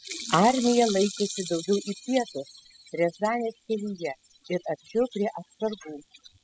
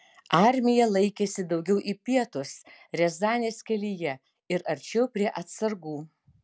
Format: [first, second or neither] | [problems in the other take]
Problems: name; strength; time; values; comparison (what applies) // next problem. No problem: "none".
second | noise reduction (classical method spectral subtraction)